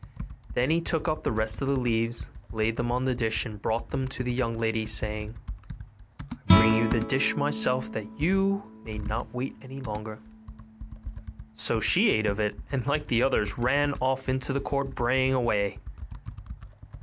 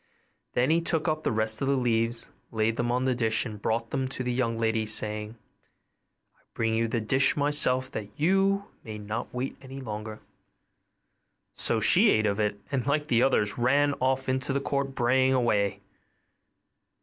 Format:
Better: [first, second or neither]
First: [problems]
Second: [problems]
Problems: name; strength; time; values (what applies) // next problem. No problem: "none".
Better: second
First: background sound (Computer keyboard + Guitar); 5 dB below the speech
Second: none